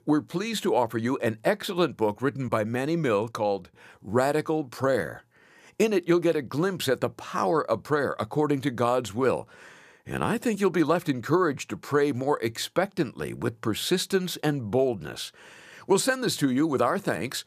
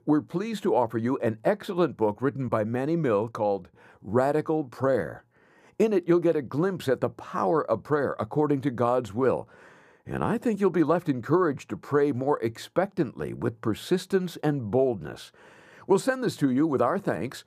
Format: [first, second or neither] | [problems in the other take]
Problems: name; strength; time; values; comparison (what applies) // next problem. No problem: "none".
first | muffled; slightly; fading above 2 kHz